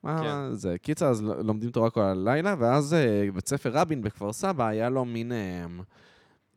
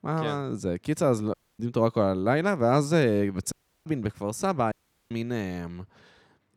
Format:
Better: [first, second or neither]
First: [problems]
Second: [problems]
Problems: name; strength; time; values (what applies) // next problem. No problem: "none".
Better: first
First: none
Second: audio cutting out; at 1.5 s, at 3.5 s and at 4.5 s